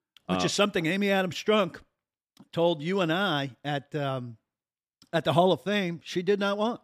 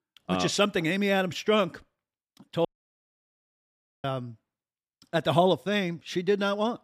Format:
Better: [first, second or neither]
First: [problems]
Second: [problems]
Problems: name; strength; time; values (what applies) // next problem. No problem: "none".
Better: first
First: none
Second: audio cutting out; at 2.5 s for 1.5 s